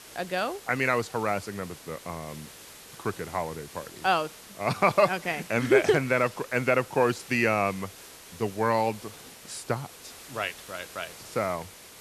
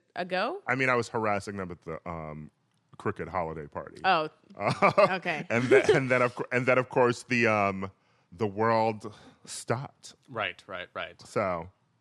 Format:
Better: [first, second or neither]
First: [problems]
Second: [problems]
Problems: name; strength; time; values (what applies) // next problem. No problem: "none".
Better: second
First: hiss; noticeable; throughout; 15 dB below the speech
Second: none